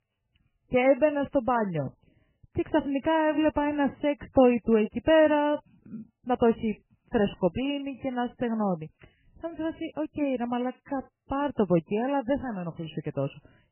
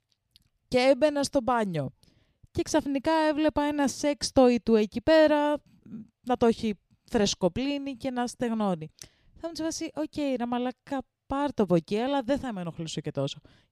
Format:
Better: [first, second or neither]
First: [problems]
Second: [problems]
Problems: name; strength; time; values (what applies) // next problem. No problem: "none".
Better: second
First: garbled, watery; badly; nothing above 3 kHz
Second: none